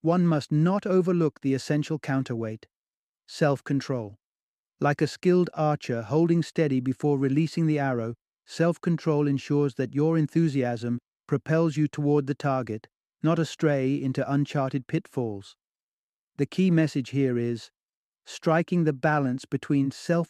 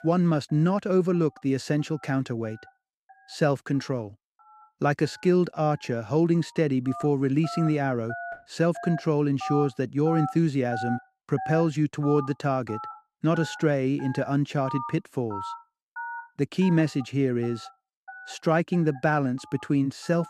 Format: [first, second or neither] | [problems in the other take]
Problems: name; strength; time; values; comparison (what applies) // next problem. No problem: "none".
first | alarms or sirens; noticeable; throughout; 15 dB below the speech